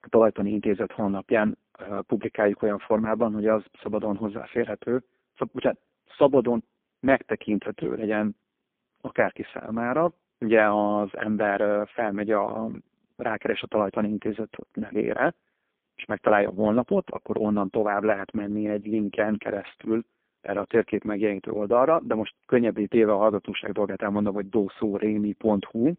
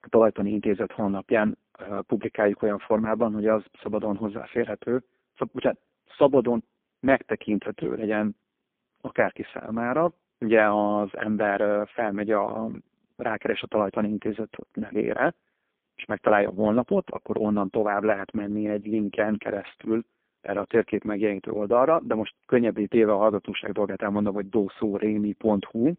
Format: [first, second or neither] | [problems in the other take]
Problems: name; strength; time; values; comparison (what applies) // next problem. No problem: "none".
neither | phone-call audio; poor line; the same in both